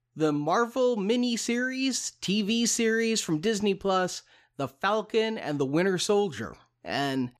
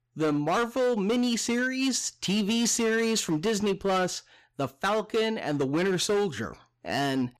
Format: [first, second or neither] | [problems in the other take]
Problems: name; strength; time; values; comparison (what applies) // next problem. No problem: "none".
first | distortion; slight; 13% of the sound clipped